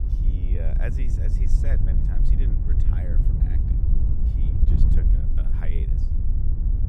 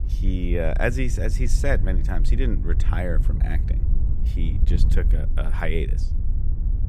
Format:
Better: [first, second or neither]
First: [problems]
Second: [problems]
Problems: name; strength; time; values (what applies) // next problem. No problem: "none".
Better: second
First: wind noise on the microphone; heavy; 3 dB above the speech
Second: wind noise on the microphone; occasional gusts; 10 dB below the speech